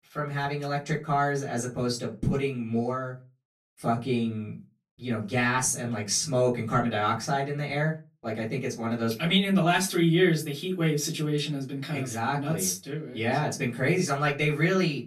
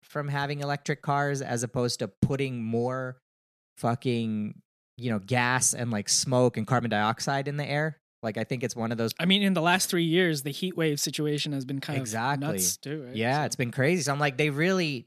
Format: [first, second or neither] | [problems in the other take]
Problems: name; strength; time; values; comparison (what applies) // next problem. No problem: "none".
second | off-mic speech; far // room echo; very slight; dies away in 0.2 s